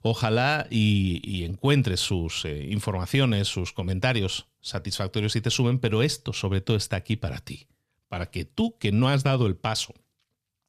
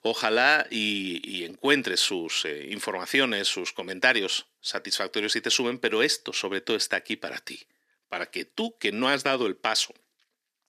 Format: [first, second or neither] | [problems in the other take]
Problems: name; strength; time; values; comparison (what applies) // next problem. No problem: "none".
first | thin; somewhat; fading below 300 Hz